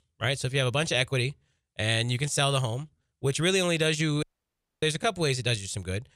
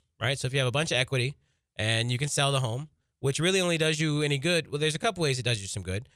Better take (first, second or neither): second